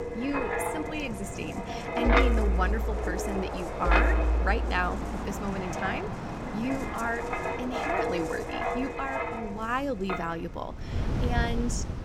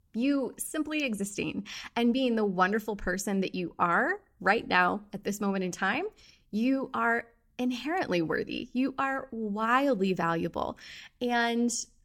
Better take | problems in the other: second | wind noise on the microphone; heavy; 1 dB above the speech

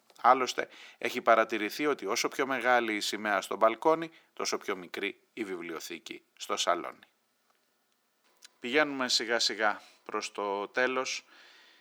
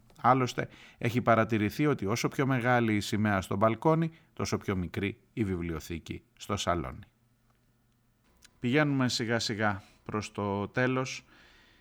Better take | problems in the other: second | thin; somewhat; fading below 350 Hz

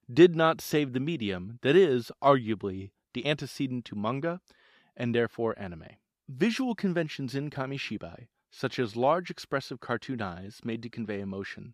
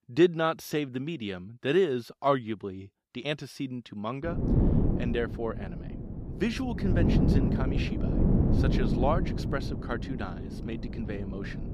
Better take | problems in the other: first | wind noise on the microphone; heavy; from 4 s on; 4 dB below the speech

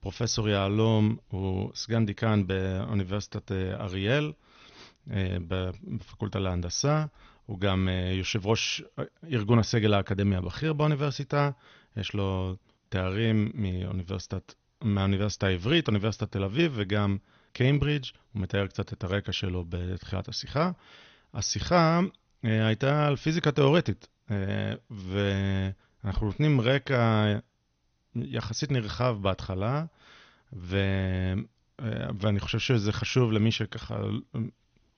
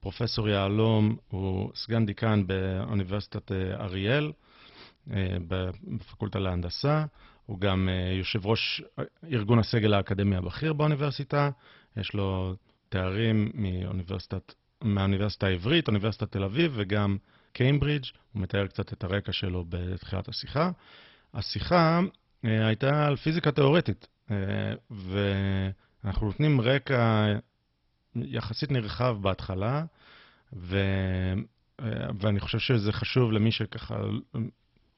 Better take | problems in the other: first | garbled, watery; badly; nothing above 5.5 kHz; slightly in the first

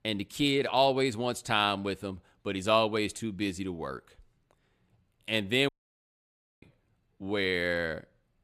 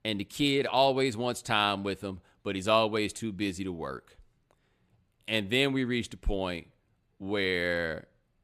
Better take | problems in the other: second | audio cutting out; at 5.5 s for 1 s

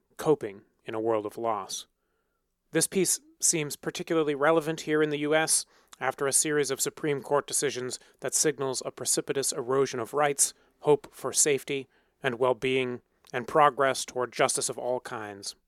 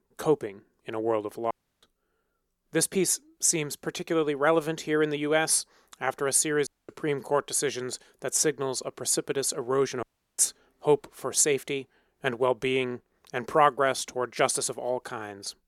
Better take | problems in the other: first | audio cutting out; at 1.5 s, at 6.5 s and at 10 s

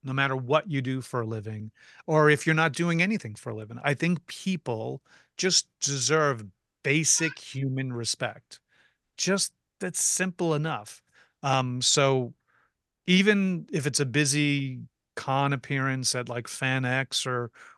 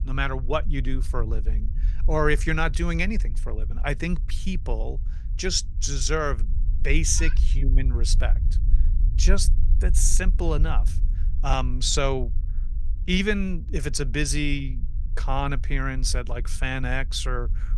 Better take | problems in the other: first | low rumble; faint; throughout; 20 dB below the speech

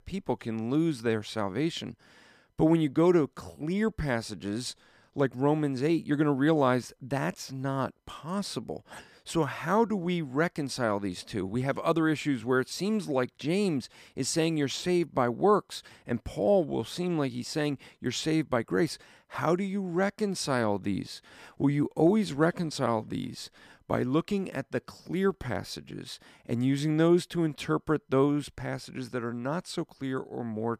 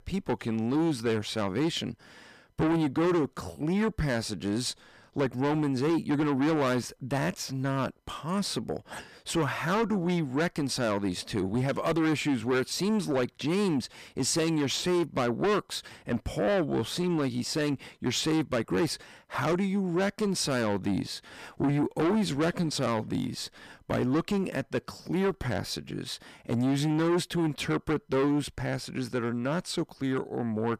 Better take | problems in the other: first | distortion; heavy; 7 dB below the speech

